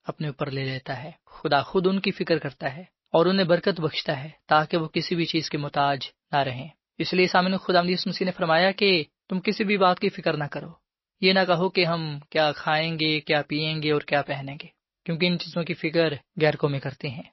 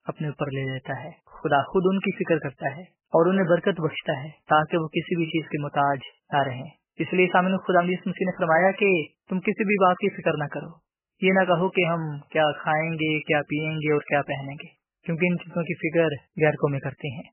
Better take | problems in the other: first | garbled, watery; badly; nothing above 3 kHz; slightly in the first

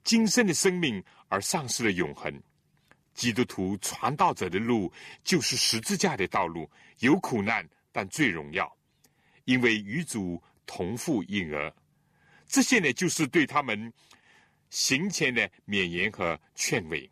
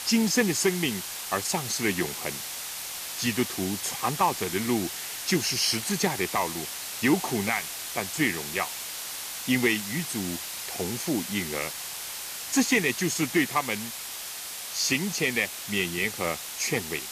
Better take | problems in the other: first | hiss; loud; throughout; 6 dB below the speech

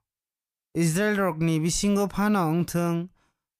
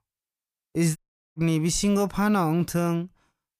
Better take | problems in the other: first | audio cutting out; at 1 s

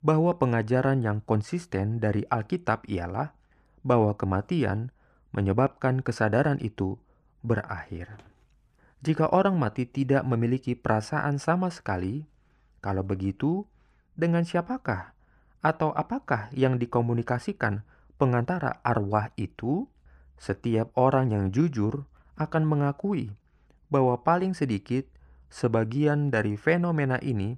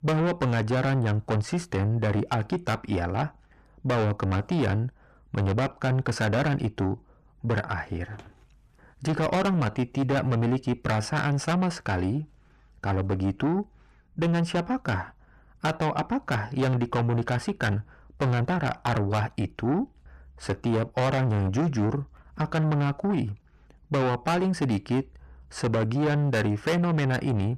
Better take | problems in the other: first | distortion; heavy; 6 dB below the speech

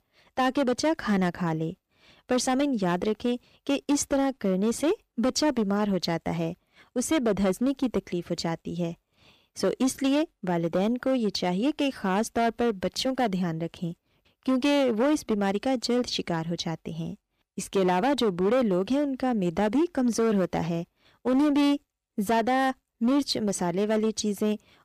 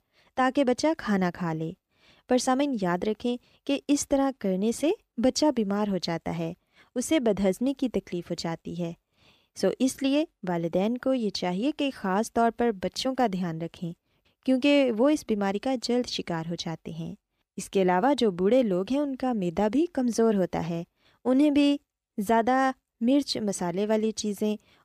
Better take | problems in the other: second | distortion; slight; 9% of the sound clipped

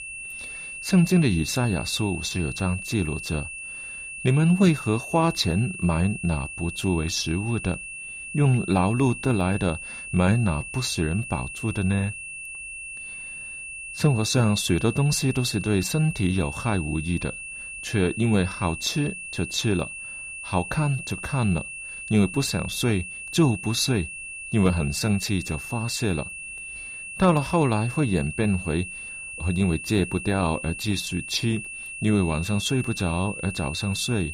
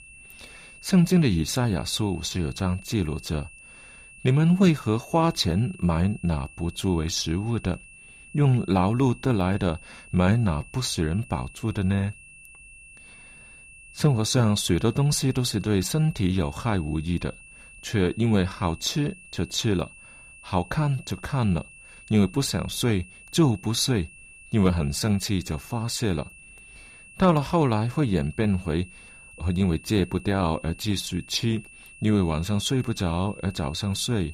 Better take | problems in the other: second | high-pitched whine; loud; throughout; 2.5 kHz, 9 dB below the speech; faint in the second

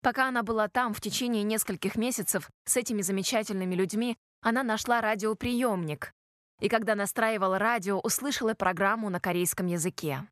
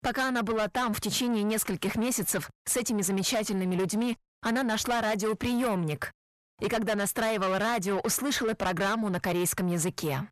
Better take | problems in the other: first | distortion; heavy; 7 dB below the speech

